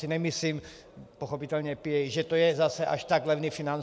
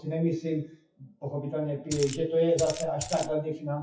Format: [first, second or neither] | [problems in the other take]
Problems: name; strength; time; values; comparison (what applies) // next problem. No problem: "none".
first | noise reduction (classical method WPE with log-MMSE)